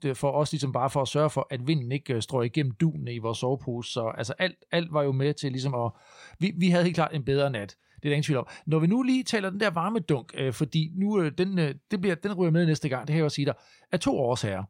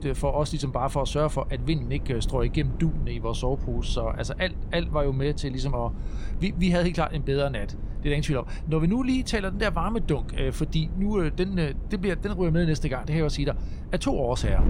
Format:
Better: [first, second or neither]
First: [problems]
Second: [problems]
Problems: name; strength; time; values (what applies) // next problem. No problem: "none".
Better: first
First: none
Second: wind noise on the microphone; occasional gusts; 20 dB below the speech